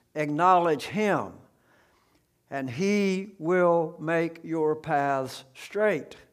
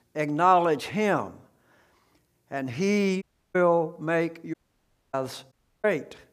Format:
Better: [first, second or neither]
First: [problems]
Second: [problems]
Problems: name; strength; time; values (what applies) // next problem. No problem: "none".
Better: first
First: none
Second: audio cutting out; at 3 s, at 4.5 s for 0.5 s and at 5.5 s